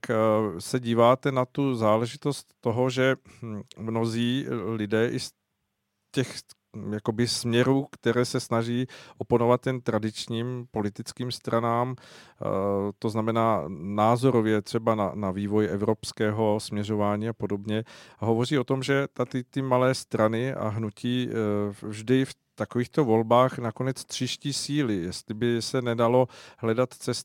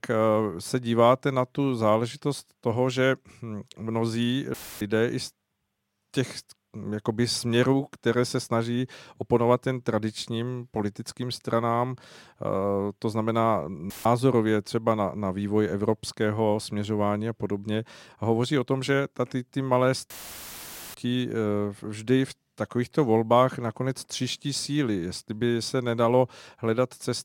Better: first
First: none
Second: audio cutting out; filled with static; at 4.5 s, at 14 s and at 20 s for 1 s

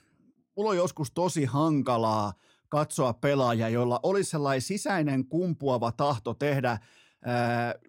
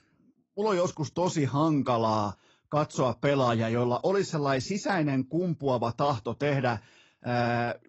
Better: first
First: none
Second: garbled, watery; badly; nothing above 7.5 kHz

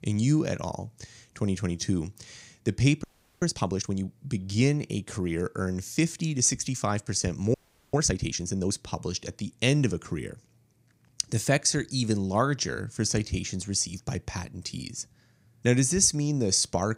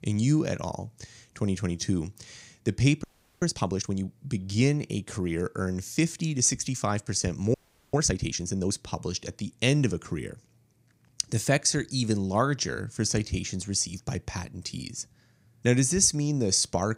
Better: neither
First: audio freezing; at 3 s and at 7.5 s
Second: audio freezing; at 3 s and at 7.5 s

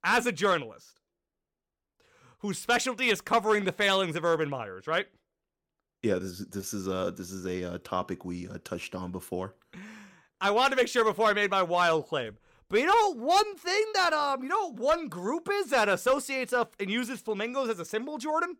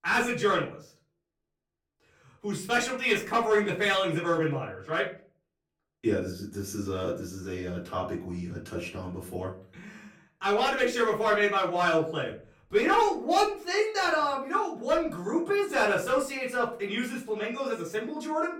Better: first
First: none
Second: room echo; slight; dies away in 0.3 s // off-mic speech; far

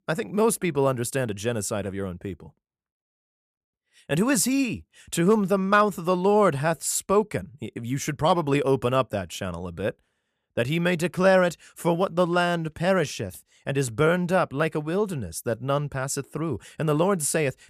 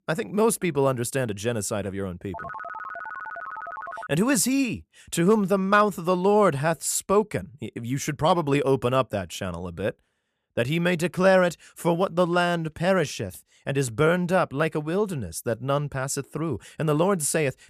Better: first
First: none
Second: phone ringing; faint; from 2.5 to 4 s; peak 10 dB below the speech

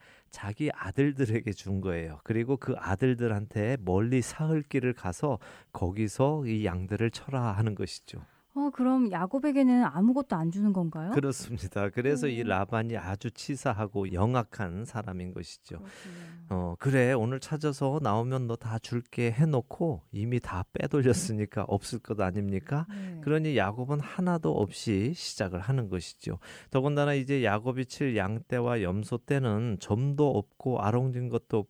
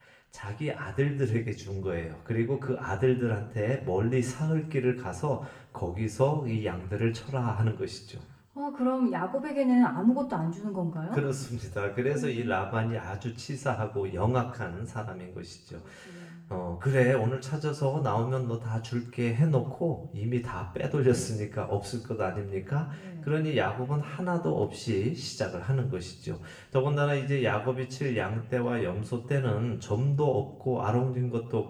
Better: first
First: none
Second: room echo; slight; dies away in 0.6 s // off-mic speech; somewhat distant

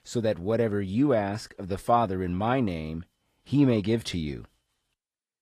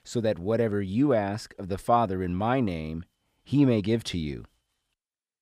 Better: second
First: garbled, watery; slightly; nothing above 15.5 kHz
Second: none

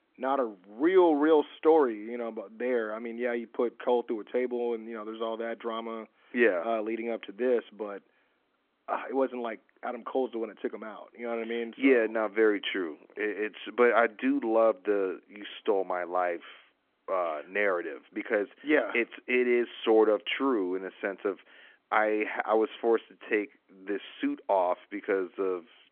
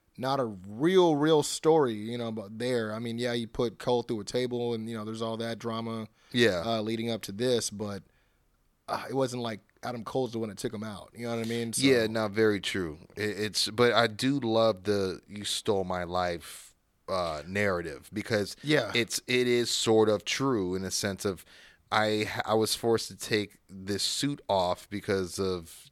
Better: second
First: phone-call audio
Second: none

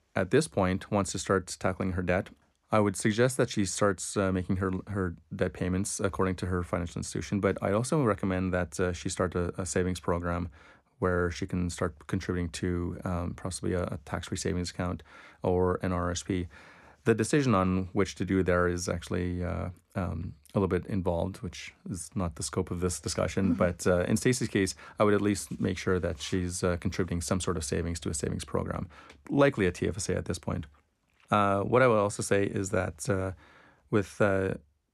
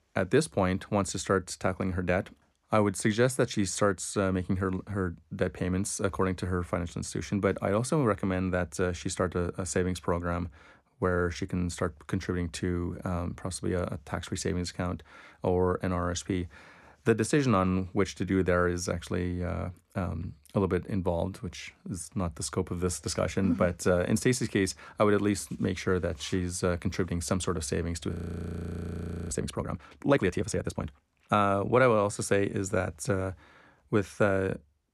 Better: first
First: none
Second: audio freezing; at 28 s for 1 s

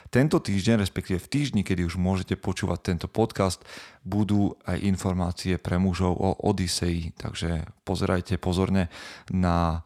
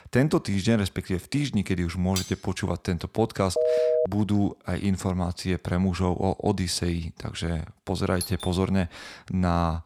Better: first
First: none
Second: clattering dishes; noticeable; at 2 s; peak 6 dB below the speech // phone ringing; loud; at 3.5 s; peak 4 dB above the speech // doorbell; noticeable; at 8 s; peak 7 dB below the speech

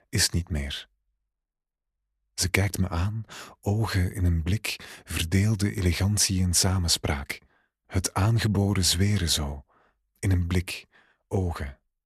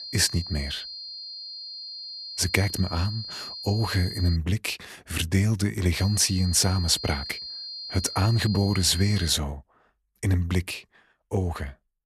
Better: first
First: none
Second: high-pitched whine; loud; until 4.5 s and from 6 to 9.5 s; 4 kHz, 9 dB below the speech

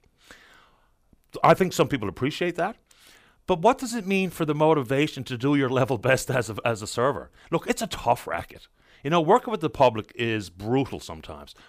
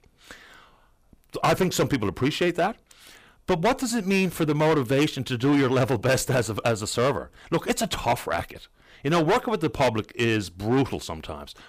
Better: first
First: none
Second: distortion; heavy; 9% of the sound clipped

